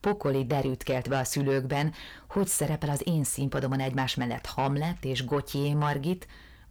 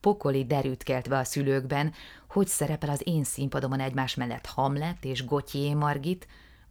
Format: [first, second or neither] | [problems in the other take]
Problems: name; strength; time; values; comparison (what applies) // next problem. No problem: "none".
second | distortion; slight; 10 dB below the speech